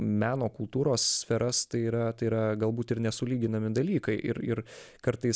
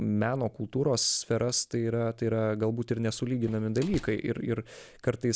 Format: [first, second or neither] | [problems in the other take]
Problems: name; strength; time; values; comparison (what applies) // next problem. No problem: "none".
first | background sound (Slam); 19 dB below the speech